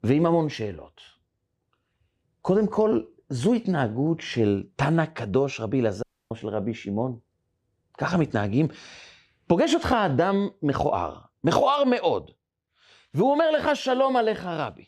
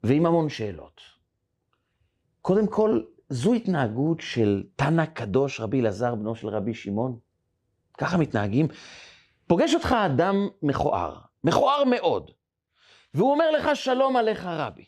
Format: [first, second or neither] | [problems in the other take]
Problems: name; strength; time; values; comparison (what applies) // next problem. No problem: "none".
second | audio cutting out; at 6 s